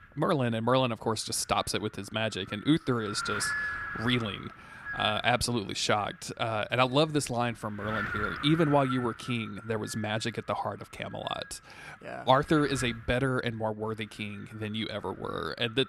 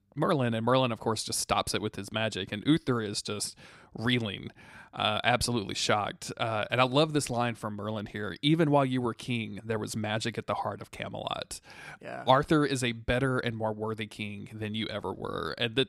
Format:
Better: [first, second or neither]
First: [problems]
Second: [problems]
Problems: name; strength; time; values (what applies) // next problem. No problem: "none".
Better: second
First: wind noise on the microphone; heavy; 6 dB below the speech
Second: none